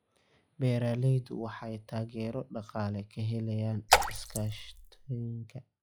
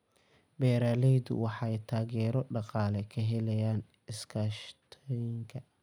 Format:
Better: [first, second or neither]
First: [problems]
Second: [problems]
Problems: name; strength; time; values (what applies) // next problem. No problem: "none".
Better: second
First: noise reduction (classical method log-MMSE)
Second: none